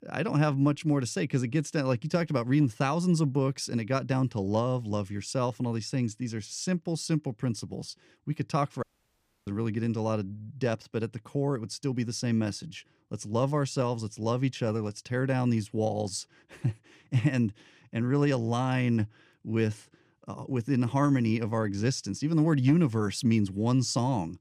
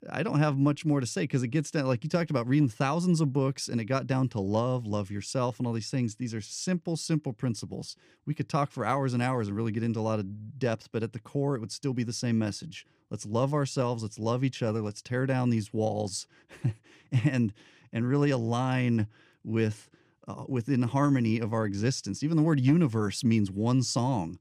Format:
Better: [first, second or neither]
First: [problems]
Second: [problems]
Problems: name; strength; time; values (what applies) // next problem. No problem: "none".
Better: second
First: audio cutting out; at 9 s for 0.5 s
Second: none